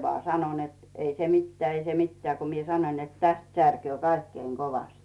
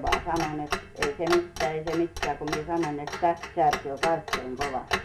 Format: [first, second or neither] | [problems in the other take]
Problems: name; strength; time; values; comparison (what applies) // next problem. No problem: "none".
first | background sound (Clock); 4 dB below the speech